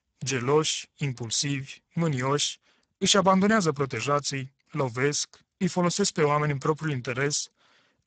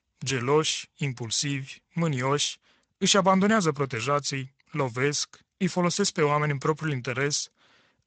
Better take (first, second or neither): second